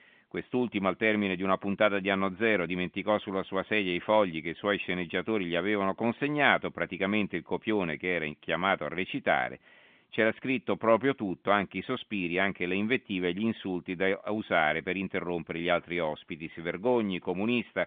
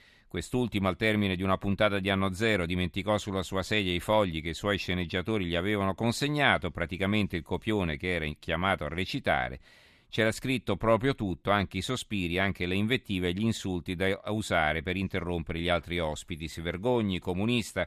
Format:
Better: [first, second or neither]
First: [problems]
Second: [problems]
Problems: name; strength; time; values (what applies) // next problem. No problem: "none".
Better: second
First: phone-call audio; nothing above 3.5 kHz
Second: none